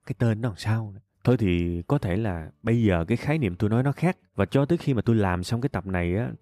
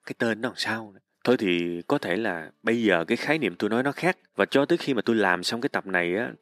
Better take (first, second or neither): first